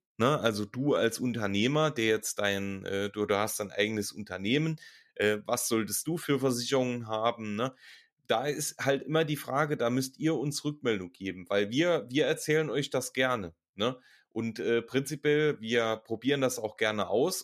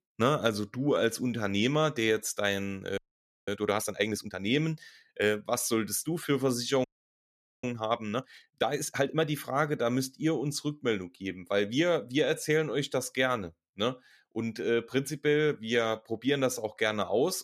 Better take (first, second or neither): first